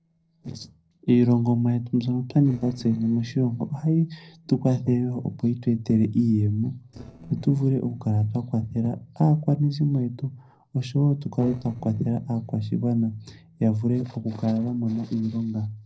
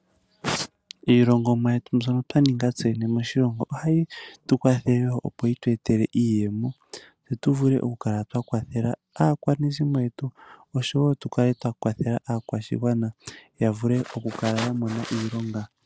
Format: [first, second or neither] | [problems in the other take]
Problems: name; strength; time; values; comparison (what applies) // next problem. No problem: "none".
second | noise reduction (neural separator model SepFormer DNS4)